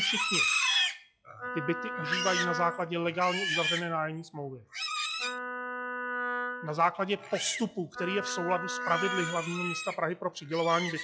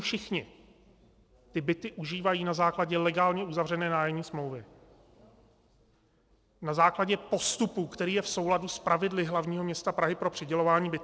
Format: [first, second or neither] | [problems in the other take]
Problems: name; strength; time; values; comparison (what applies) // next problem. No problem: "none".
second | noise reduction (classical method log-MMSE)